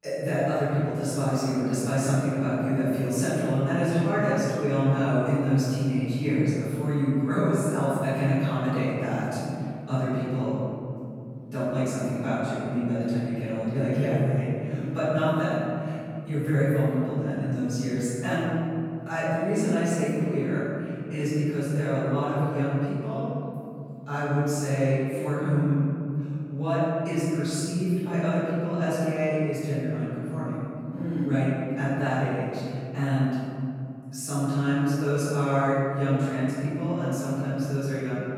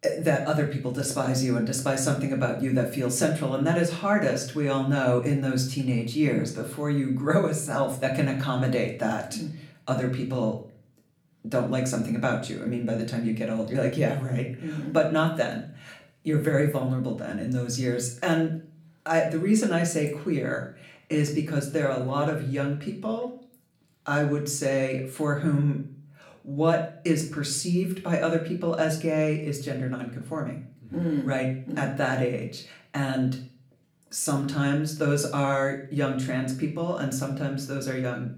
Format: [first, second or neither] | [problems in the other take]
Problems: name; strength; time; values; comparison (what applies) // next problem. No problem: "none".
second | room echo; strong; dies away in 3 s; slight in the second // off-mic speech; far; somewhat distant in the second